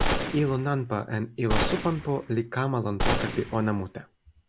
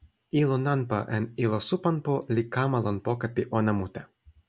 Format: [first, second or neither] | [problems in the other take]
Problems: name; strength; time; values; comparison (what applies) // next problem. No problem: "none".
second | background sound (Gunshot, gunfire); 2 dB below the speech